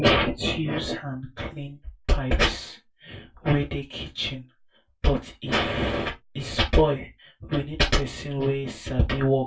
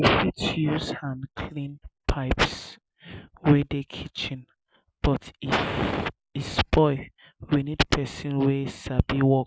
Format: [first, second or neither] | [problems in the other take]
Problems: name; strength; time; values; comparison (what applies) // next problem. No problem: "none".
second | room echo; dies away in 0.2 s